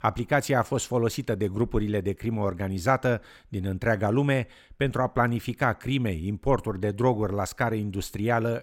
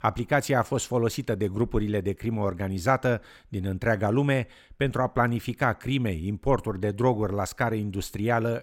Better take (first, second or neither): neither